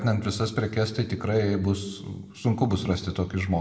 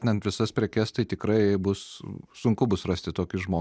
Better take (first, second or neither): second